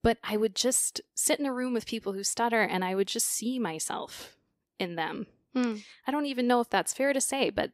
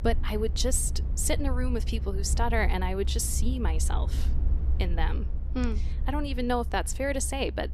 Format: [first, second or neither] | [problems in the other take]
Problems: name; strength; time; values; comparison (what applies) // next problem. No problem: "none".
first | low rumble; noticeable; throughout; 15 dB below the speech